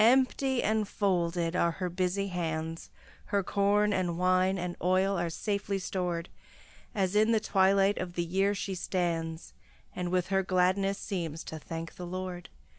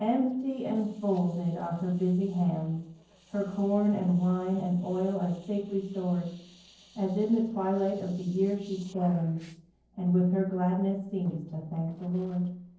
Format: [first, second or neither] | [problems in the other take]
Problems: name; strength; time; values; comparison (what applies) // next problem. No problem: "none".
first | noise reduction (neural separator model SepFormer DNS4)